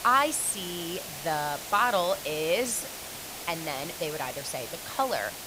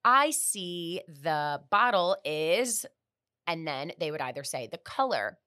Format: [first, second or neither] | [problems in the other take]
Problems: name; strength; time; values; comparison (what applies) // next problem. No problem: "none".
second | hiss; loud; throughout; 8 dB below the speech